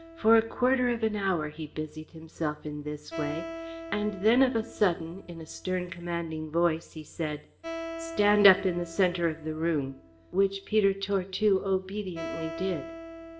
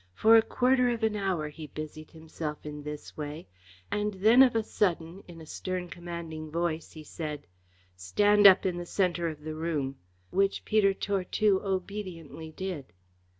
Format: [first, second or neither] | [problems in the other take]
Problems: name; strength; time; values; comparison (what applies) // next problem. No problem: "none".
second | background sound (Acoustic guitar); 14 dB below the speech // room echo; dies away in 0.6 s